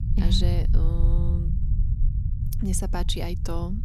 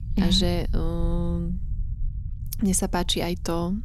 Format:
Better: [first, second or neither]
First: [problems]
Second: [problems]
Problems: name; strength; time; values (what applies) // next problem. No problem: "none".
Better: second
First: low rumble; loud; throughout; 9 dB below the speech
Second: low rumble; faint; throughout; 20 dB below the speech